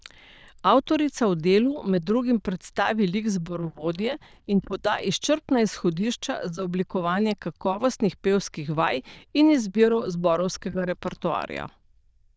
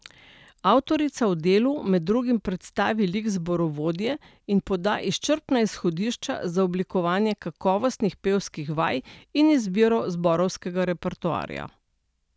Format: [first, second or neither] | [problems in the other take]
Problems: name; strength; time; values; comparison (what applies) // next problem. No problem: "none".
second | noise reduction (neural diffusion model UNIVERSE++)